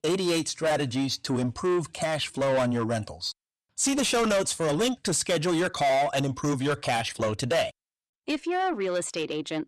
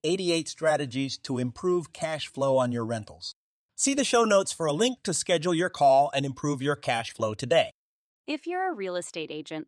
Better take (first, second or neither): second